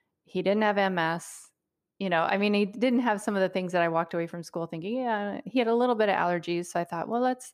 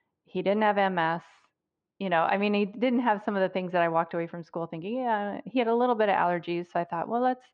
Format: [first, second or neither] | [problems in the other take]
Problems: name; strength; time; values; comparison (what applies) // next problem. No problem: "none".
first | muffled; slightly; fading above 3.5 kHz